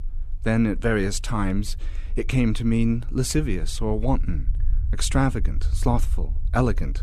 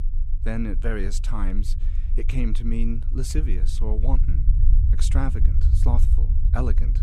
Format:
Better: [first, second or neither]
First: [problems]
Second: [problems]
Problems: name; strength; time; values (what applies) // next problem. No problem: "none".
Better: first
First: low rumble; faint; throughout; 25 dB below the speech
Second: low rumble; loud; throughout; 9 dB below the speech